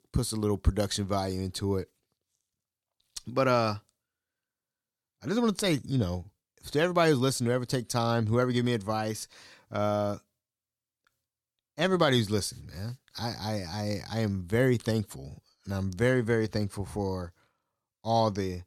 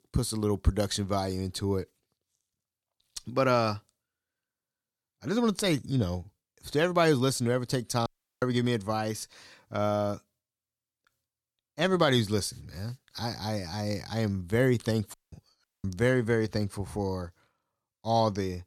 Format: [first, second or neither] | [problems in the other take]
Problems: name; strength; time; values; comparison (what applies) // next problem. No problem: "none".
first | audio cutting out; at 8 s, at 15 s and at 16 s